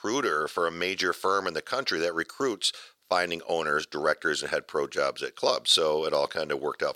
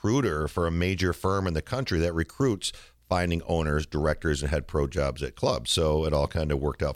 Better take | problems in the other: second | thin; very; fading below 450 Hz

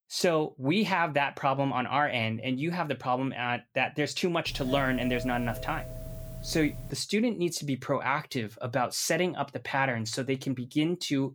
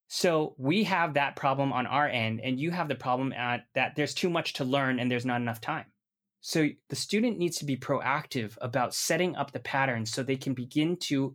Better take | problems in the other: second | doorbell; noticeable; from 4.5 to 7 s; peak 8 dB below the speech

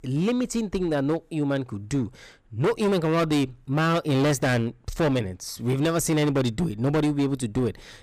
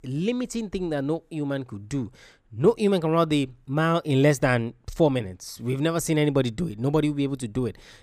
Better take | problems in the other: second | distortion; heavy; 14% of the sound clipped

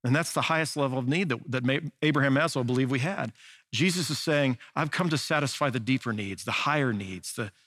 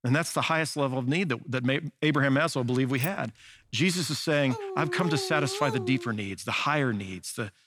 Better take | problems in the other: first | jangling keys; faint; at 3 s; peak 10 dB below the speech // dog barking; noticeable; from 4.5 to 6 s; peak 7 dB below the speech

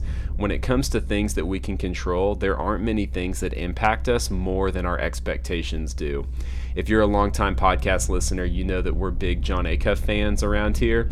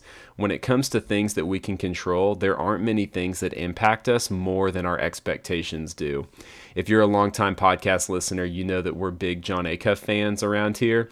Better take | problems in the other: second | low rumble; faint; throughout; 25 dB below the speech

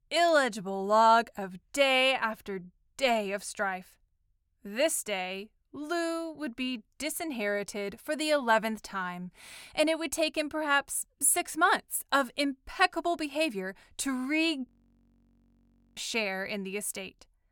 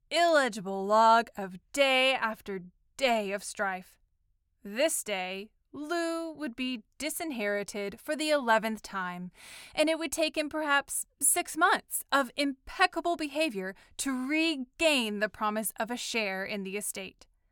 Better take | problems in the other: second | audio freezing; at 15 s for 1.5 s

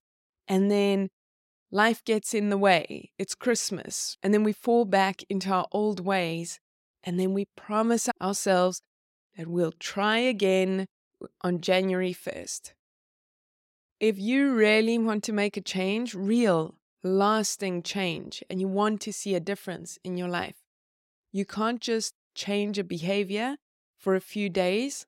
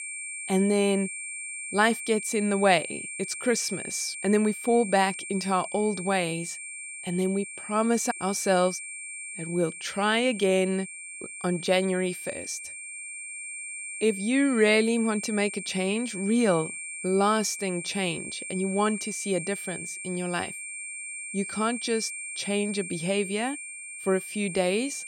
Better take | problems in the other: first | high-pitched whine; loud; throughout; 8.5 kHz, 8 dB below the speech

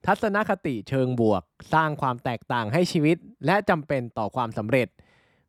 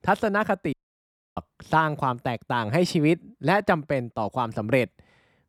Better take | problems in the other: first | audio cutting out; at 0.5 s for 0.5 s

